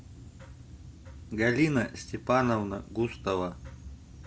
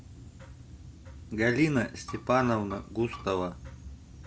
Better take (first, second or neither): first